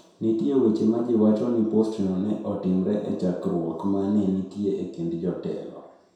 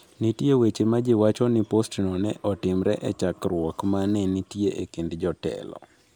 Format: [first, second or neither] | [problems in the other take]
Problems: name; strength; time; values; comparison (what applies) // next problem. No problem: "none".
second | room echo; dies away in 0.7 s